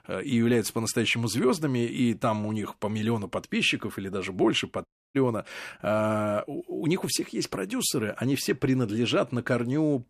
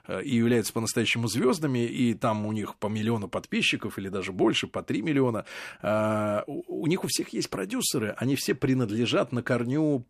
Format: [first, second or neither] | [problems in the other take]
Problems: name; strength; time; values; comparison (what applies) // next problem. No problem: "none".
second | audio cutting out; at 5 s